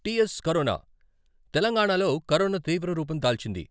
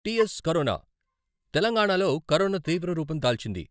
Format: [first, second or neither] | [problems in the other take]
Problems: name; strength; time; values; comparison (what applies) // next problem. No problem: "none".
first | noise reduction (neural mask model DeepFilterNet 3)